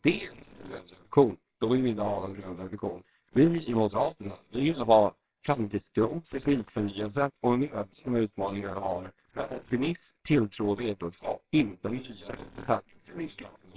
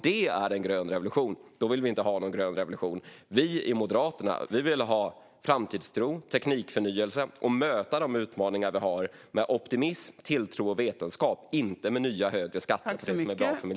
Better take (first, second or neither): second